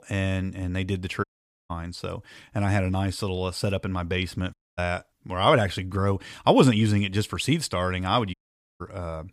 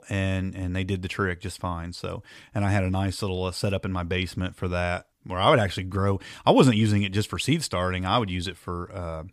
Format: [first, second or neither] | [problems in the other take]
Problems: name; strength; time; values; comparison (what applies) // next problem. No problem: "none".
second | audio cutting out; at 1 s, at 4.5 s and at 8.5 s